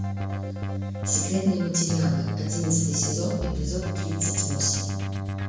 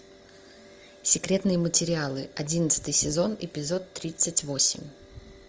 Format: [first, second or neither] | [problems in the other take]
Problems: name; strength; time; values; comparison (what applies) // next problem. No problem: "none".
second | background sound (Keyboard (musical)); 2 dB below the speech // room echo; dies away in 1 s